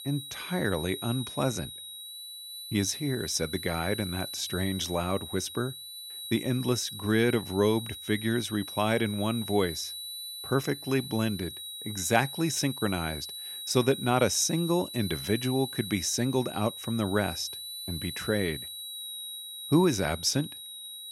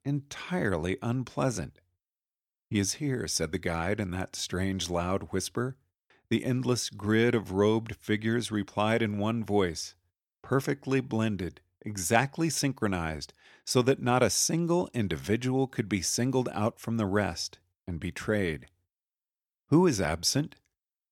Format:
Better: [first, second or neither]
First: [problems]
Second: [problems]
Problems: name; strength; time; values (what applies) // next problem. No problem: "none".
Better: second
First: high-pitched whine; loud; throughout; 4 kHz, 9 dB below the speech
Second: none